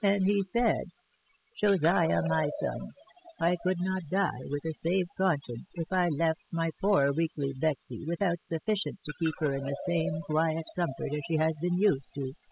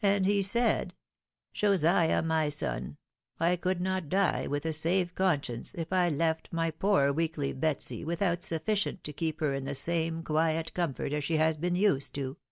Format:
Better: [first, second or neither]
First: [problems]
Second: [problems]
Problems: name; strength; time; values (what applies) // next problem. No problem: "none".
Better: second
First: noise reduction (classical method spectral subtraction)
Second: none